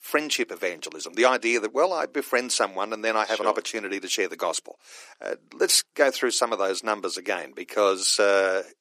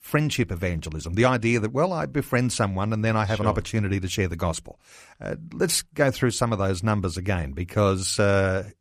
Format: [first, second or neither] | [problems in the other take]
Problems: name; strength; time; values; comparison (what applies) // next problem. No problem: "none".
second | thin; very; fading below 300 Hz